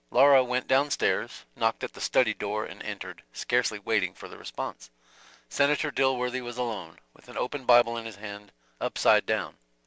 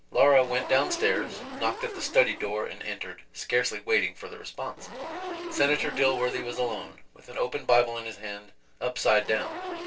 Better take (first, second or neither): first